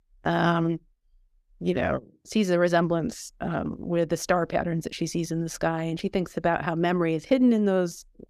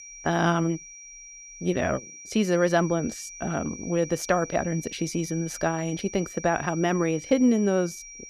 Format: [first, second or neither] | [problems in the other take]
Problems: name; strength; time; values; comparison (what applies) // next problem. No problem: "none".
first | high-pitched whine; noticeable; throughout; 6 kHz, 15 dB below the speech